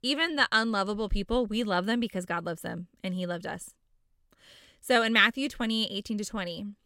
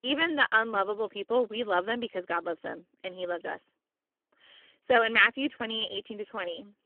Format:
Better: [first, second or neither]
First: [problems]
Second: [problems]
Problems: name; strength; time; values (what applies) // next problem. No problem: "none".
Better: first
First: none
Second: phone-call audio; poor line; nothing above 3 kHz